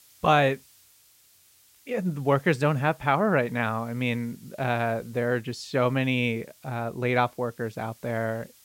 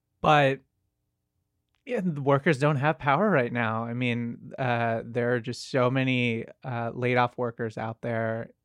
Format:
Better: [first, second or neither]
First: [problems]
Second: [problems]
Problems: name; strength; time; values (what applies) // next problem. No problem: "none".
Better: second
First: hiss; faint; throughout; 30 dB below the speech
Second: none